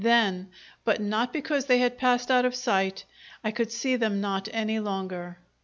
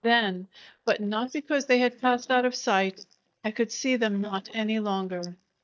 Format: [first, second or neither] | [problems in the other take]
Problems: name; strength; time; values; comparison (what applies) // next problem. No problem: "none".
first | noise reduction (neural mask model DeepFilterNet 3)